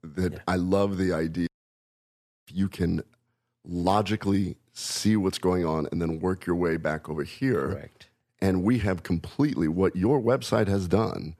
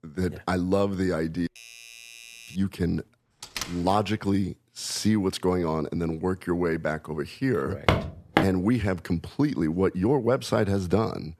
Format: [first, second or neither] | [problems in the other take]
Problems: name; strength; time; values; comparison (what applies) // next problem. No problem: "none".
first | doorbell; faint; from 1.5 to 2.5 s; peak 15 dB below the speech // door banging; noticeable; at 3.5 s; peak 7 dB below the speech // footsteps; loud; at 8 s; peak 1 dB above the speech